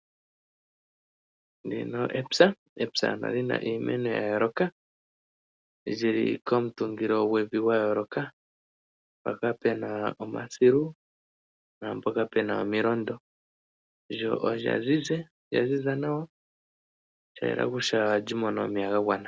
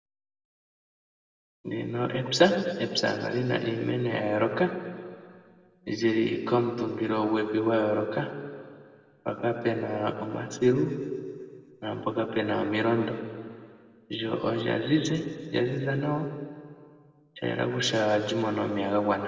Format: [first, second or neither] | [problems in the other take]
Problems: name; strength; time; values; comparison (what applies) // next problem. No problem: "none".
first | room echo; dies away in 2.1 s